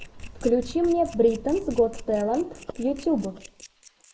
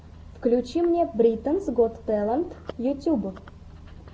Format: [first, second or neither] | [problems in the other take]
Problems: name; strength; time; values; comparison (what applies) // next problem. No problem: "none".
second | noise reduction (neural mask model Resemble Enhance denoiser)